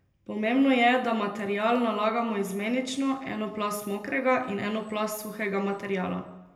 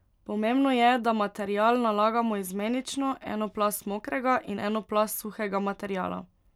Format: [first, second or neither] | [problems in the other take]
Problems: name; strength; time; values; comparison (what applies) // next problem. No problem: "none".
second | room echo; dies away in 0.8 s